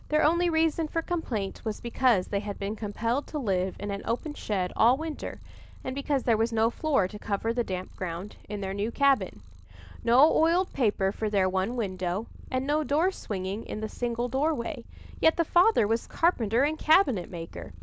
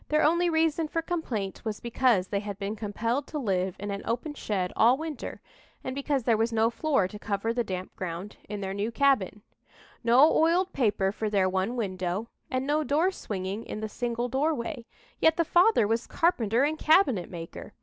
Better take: second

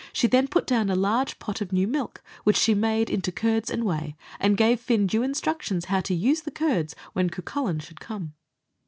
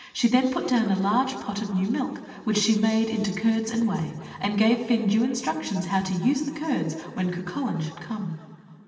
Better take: first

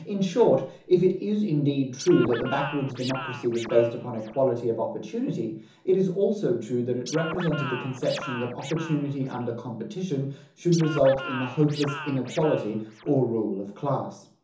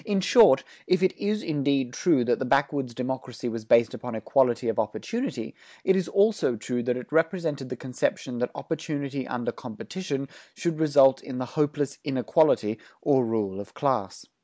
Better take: second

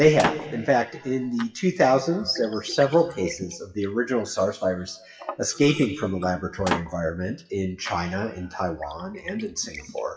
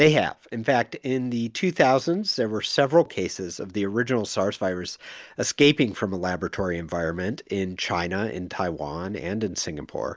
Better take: second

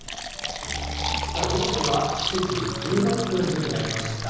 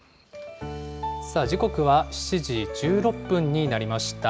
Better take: second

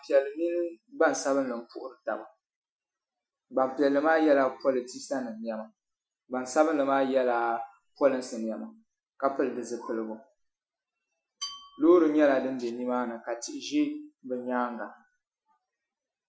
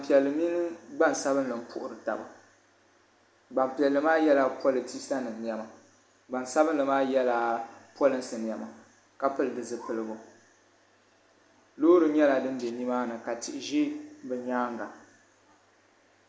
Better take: second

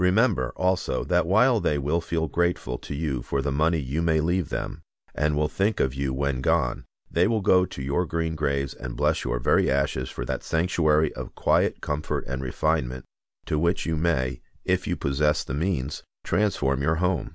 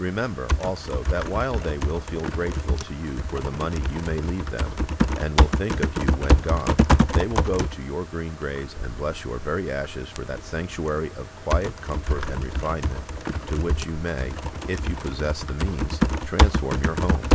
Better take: first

